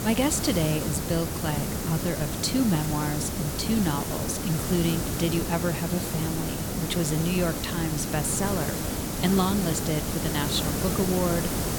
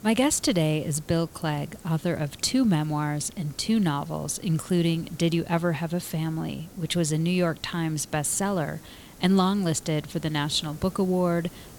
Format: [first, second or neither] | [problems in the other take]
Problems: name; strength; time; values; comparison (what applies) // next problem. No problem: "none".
second | hiss; loud; throughout; 1 dB below the speech; faint in the second